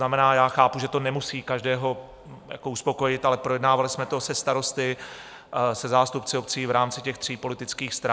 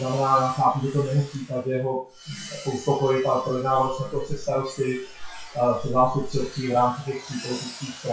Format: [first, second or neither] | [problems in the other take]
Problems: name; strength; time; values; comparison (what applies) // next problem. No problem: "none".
first | noise reduction (classical method WPE with log-MMSE)